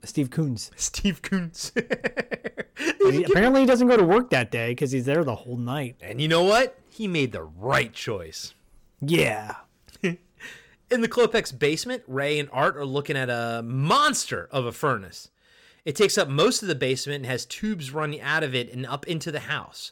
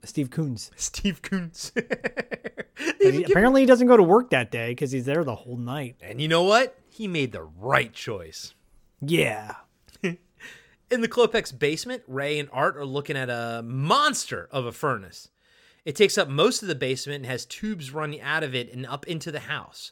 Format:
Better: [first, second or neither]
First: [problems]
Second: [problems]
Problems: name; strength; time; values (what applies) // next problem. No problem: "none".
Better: second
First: distortion; slight; 10 dB below the speech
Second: none